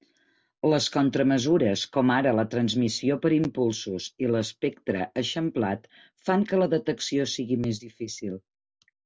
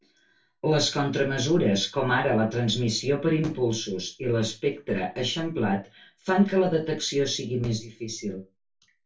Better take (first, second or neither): first